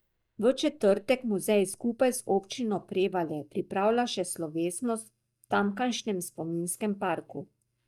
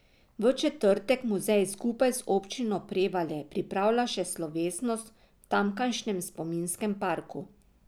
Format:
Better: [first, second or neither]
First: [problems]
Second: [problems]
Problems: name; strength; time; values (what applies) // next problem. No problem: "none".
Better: second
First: noise reduction (neural mask model DeepFilterNet 3)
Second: none